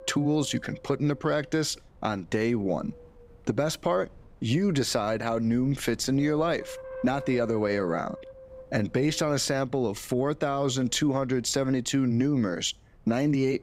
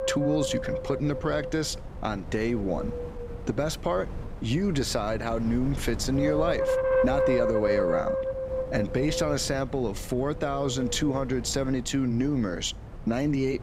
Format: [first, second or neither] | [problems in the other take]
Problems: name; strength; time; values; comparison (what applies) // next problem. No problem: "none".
first | wind noise on the microphone; heavy; 1 dB above the speech; occasional gusts in the first